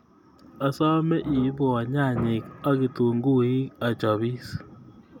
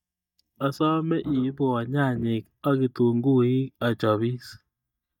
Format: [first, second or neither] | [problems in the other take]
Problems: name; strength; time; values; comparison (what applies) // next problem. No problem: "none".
first | noise reduction (neural mask model DeepFilterNet 3)